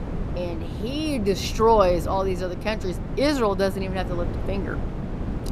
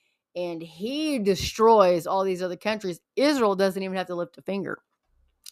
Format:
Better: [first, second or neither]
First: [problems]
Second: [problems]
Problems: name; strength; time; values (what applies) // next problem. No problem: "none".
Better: second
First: wind noise on the microphone; occasional gusts; 15 dB below the speech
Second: none